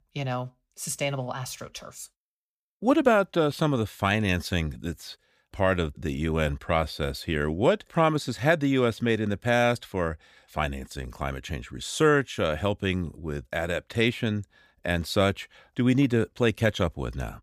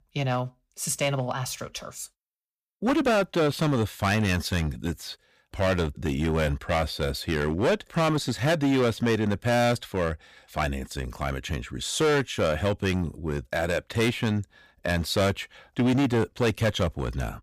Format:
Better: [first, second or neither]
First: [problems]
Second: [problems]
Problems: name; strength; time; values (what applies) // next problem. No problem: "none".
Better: first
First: none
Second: distortion; heavy; 9% of the sound clipped